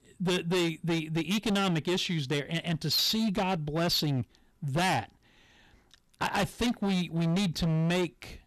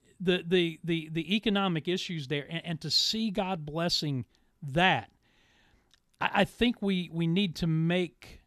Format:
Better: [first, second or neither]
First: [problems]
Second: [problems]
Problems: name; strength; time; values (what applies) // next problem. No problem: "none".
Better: second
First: distortion; heavy; 21% of the sound clipped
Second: none